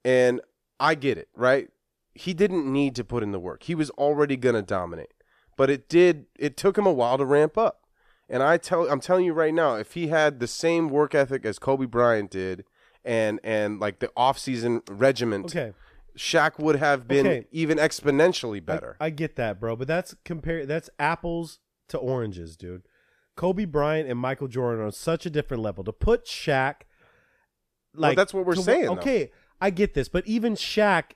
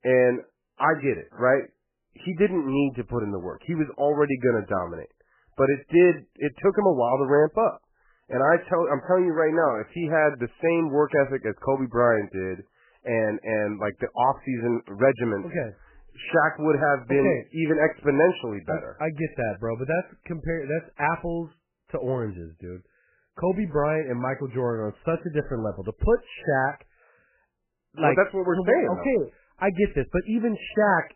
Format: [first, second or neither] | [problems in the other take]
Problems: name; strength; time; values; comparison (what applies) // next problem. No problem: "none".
first | garbled, watery; badly; nothing above 3 kHz